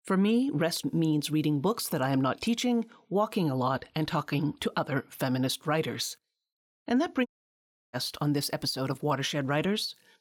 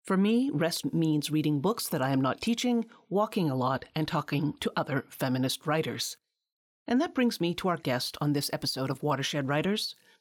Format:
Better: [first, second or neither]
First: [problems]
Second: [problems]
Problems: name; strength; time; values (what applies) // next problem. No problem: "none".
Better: second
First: audio cutting out; at 7.5 s for 0.5 s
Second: none